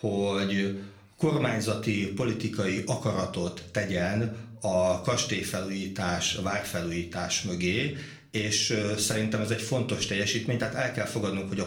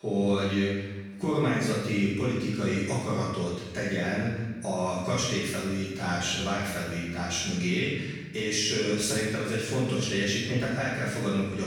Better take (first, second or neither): first